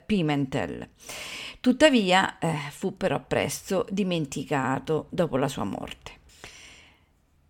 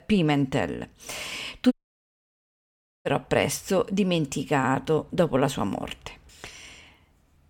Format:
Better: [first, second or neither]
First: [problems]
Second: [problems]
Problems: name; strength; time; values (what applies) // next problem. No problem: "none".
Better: first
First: none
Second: audio cutting out; at 1.5 s for 1.5 s